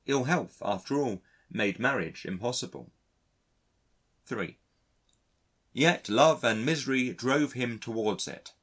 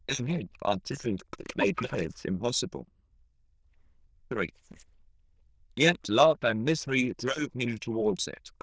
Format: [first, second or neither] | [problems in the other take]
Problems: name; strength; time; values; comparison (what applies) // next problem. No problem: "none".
first | noise reduction (neural diffusion model UNIVERSE++)